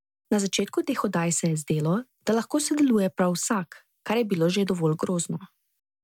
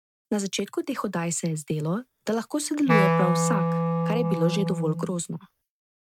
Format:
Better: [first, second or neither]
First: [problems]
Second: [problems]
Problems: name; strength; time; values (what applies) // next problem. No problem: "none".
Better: first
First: none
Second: noise reduction (neural mask model RNNoise)